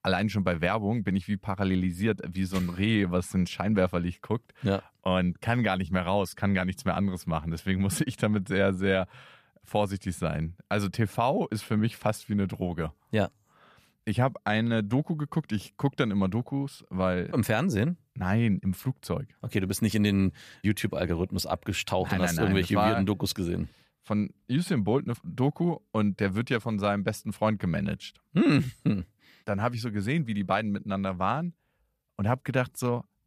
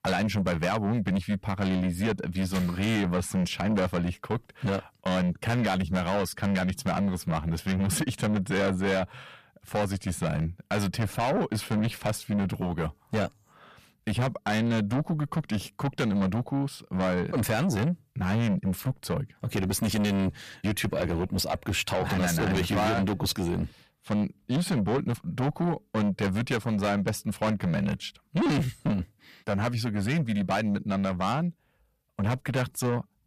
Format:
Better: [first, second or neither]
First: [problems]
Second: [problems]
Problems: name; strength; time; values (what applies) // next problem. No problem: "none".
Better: first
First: none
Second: distortion; heavy; 7 dB below the speech